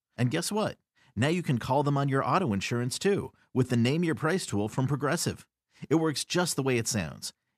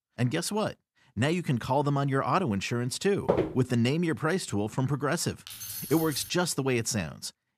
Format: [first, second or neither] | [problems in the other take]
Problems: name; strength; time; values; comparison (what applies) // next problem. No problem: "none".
first | footsteps; loud; at 3.5 s; peak level with the speech // jangling keys; noticeable; at 5.5 s; peak 7 dB below the speech